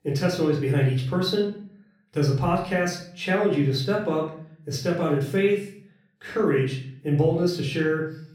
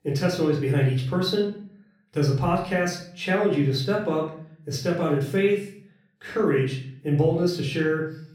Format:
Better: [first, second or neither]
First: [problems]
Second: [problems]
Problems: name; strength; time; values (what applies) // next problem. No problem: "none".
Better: neither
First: room echo; slight; dies away in 0.5 s // off-mic speech; far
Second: room echo; slight; dies away in 0.5 s // off-mic speech; far